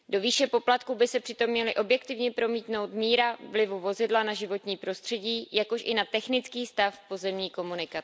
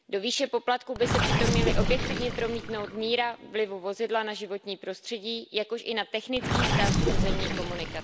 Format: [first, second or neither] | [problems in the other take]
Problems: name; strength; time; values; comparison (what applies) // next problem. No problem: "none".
first | background sound (Gurgling); 1 dB above the speech